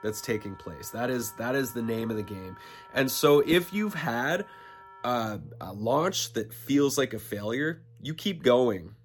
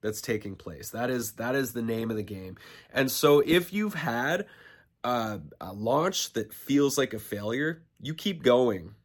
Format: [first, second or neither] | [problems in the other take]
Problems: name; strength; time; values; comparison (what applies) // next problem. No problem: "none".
second | background music; faint; throughout; 20 dB below the speech